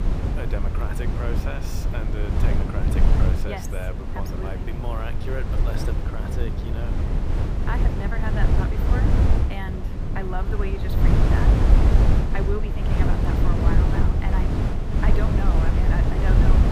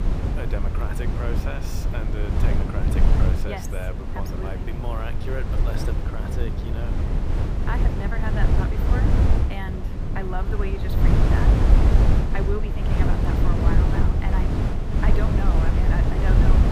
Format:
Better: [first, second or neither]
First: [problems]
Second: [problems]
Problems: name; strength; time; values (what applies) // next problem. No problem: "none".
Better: neither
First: wind noise on the microphone; heavy; 2 dB above the speech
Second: wind noise on the microphone; heavy; 2 dB above the speech